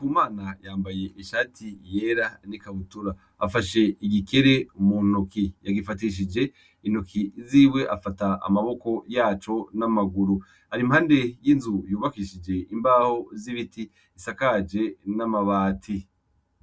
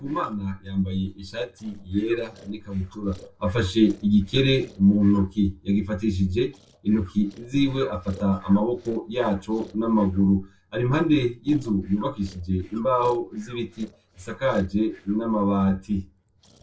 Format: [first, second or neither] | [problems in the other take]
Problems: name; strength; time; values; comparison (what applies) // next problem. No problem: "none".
first | noise reduction (neural separator model SepFormer DNS4)